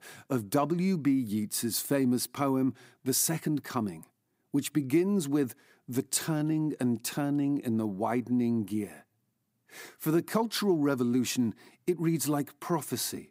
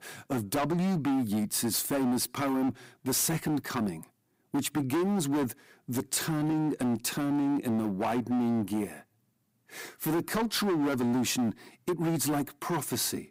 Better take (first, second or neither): first